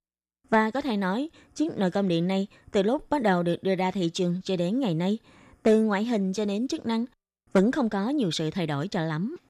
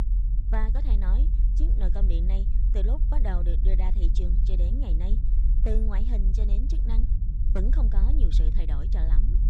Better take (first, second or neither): first